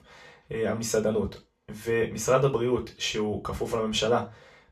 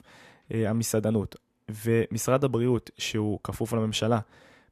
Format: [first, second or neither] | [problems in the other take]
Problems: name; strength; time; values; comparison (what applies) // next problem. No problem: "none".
second | room echo; very slight; dies away in 0.3 s // off-mic speech; far